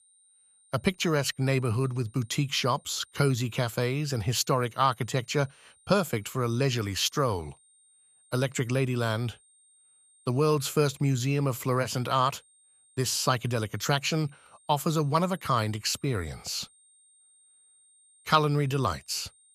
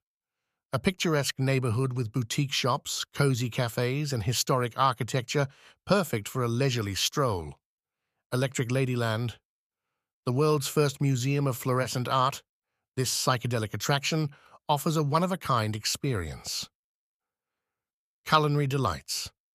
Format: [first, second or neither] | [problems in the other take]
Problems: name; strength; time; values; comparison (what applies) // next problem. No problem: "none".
second | high-pitched whine; faint; throughout; 8.5 kHz, 30 dB below the speech